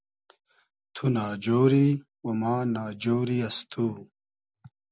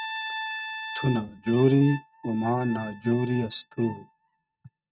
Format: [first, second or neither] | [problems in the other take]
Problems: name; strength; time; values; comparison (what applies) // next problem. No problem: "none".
first | noise reduction (neural mask model RNNoise)